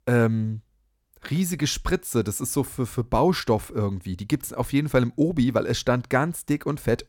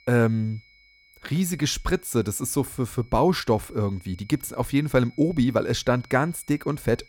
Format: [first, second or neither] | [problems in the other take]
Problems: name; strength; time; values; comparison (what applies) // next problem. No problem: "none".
first | high-pitched whine; faint; throughout; 2.5 kHz, 30 dB below the speech